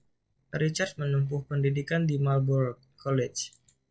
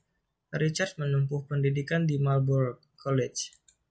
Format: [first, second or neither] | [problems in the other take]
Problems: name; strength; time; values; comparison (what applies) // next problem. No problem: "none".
second | noise reduction (neural separator model SepFormer DNS4)